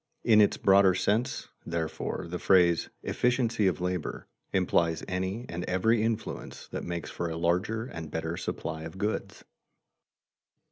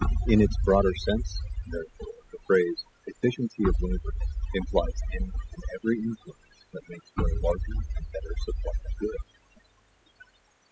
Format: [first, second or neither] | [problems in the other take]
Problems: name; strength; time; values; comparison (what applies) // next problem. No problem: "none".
first | noise reduction (classical method spectral subtraction)